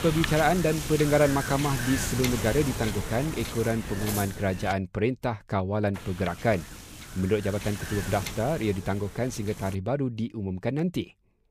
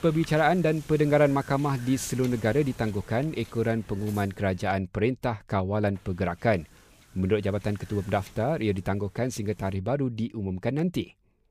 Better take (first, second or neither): second